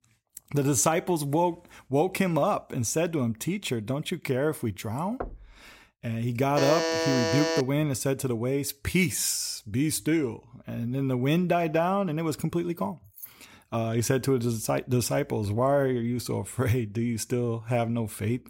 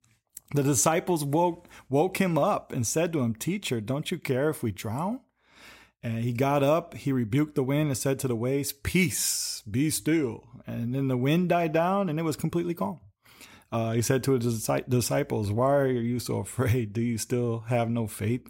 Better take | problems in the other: second | door banging; faint; at 5 s; peak 10 dB below the speech // alarm; loud; from 6.5 to 7.5 s; peak 1 dB above the speech // jangling keys; faint; at 13 s; peak 15 dB below the speech

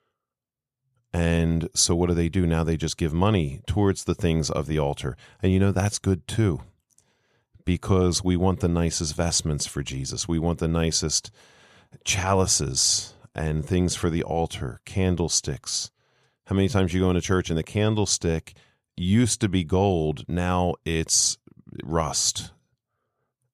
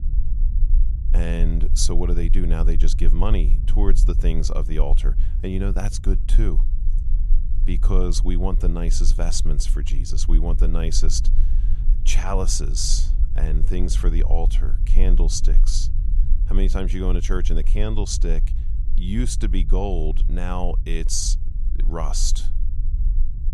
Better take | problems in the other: first | low rumble; noticeable; throughout; 15 dB below the speech

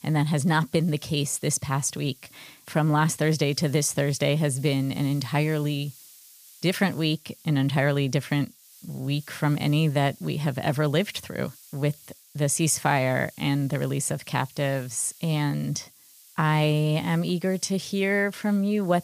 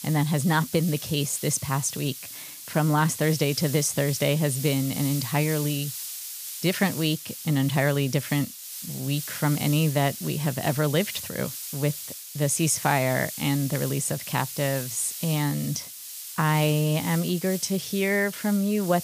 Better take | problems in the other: first | hiss; loud; throughout; 9 dB below the speech; faint in the first

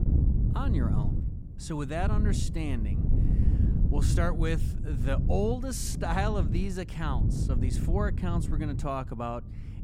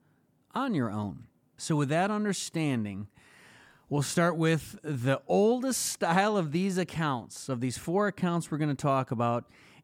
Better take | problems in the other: second | wind noise on the microphone; heavy; 7 dB below the speech

